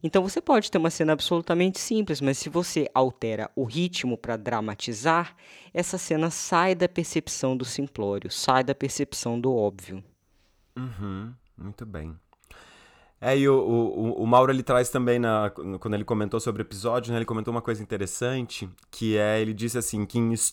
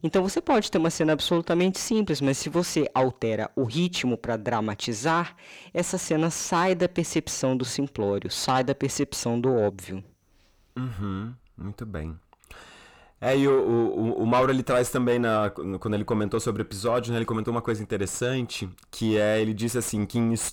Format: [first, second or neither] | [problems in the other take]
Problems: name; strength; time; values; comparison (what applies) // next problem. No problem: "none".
first | distortion; slight; 10 dB below the speech